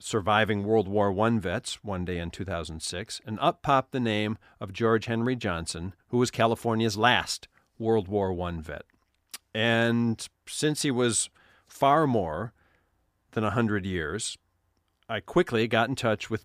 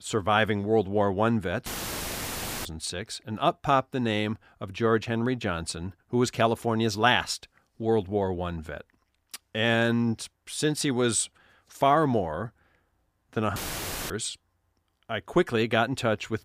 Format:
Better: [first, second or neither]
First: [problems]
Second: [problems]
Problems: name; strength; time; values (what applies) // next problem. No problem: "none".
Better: first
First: none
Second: audio cutting out; filled with static; at 1.5 s for 1 s and at 14 s for 0.5 s